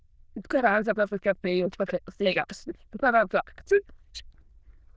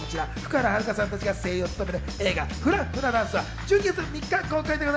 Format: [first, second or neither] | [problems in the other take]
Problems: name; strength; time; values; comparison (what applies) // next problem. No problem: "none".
second | noise reduction (neural diffusion model UNIVERSE++)